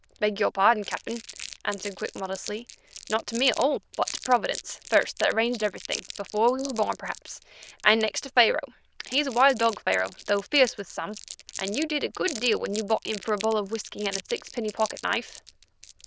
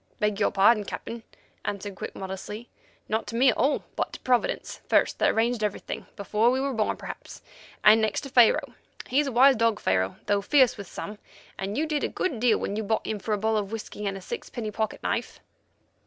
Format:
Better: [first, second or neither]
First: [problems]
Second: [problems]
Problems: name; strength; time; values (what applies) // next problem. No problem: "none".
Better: second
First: noise reduction (neural diffusion model UNIVERSE++)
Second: none